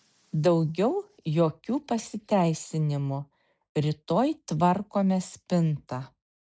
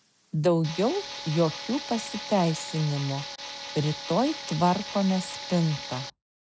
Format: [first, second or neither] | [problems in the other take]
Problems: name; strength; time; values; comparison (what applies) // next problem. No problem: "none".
first | background sound (Tools); 10 dB below the speech